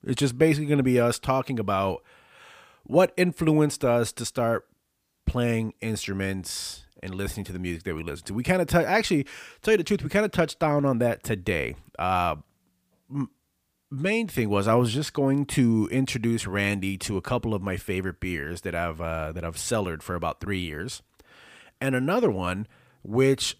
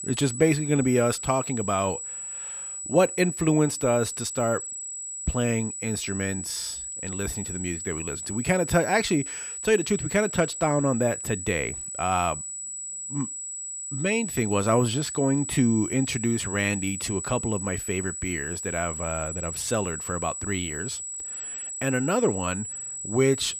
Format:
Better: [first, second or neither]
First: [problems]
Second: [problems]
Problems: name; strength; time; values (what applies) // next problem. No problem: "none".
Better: first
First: none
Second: high-pitched whine; loud; throughout; 8 kHz, 6 dB below the speech